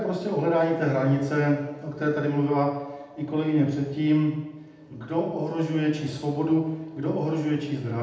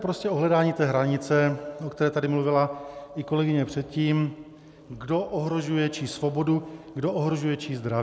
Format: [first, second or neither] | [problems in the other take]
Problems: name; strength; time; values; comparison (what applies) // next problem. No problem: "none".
second | room echo; dies away in 0.8 s